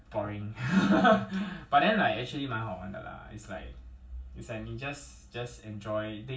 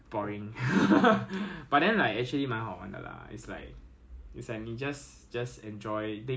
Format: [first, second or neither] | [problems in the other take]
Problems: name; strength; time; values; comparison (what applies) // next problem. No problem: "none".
second | room echo; dies away in 0.2 s